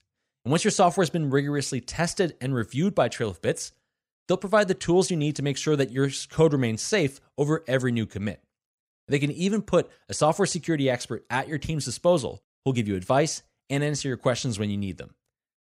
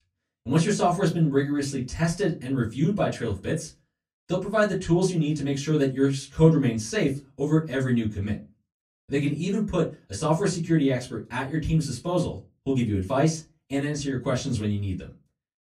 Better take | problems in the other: first | off-mic speech; far // room echo; very slight; dies away in 0.2 s

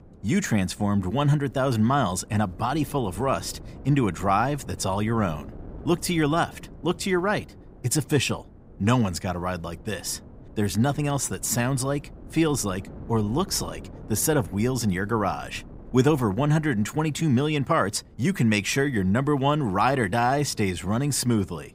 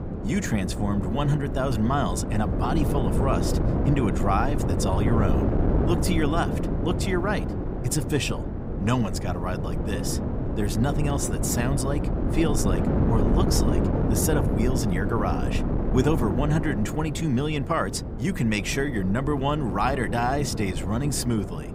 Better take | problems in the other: first | wind noise on the microphone; heavy; 4 dB below the speech; occasional gusts in the first

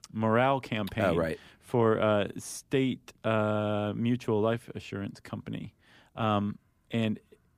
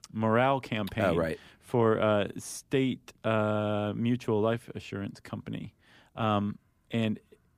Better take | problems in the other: neither | none

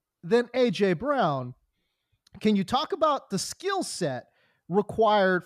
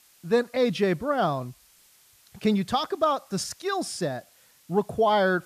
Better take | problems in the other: first | hiss; faint; throughout; 30 dB below the speech

